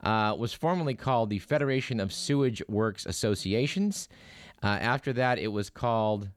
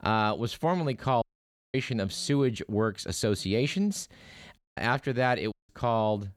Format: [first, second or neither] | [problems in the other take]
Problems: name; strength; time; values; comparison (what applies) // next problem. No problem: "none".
first | audio cutting out; at 1 s for 0.5 s, at 4.5 s and at 5.5 s